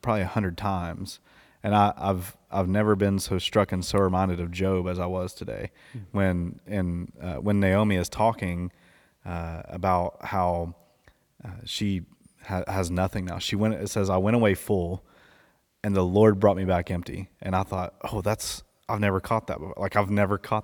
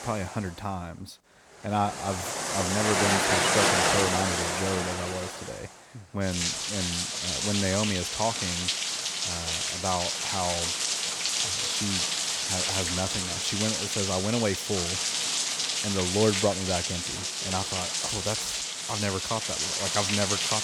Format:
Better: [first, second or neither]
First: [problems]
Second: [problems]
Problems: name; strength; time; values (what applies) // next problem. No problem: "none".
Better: first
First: none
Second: rain or running water; very loud; throughout; 5 dB above the speech